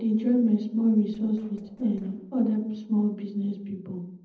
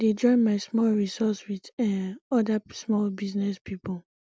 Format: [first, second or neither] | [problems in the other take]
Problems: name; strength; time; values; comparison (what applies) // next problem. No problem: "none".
second | noise reduction (neural separator model SepFormer DNS4)